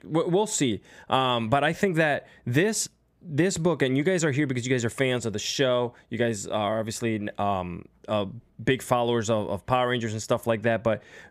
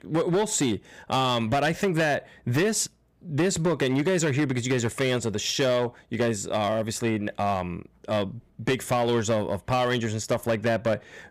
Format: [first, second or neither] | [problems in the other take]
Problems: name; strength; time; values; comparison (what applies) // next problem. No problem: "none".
first | distortion; slight; 9% of the sound clipped